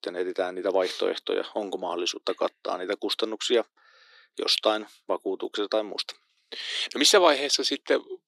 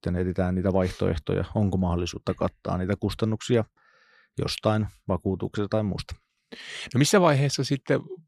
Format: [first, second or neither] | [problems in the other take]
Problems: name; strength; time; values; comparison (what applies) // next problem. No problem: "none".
second | thin; very; fading below 300 Hz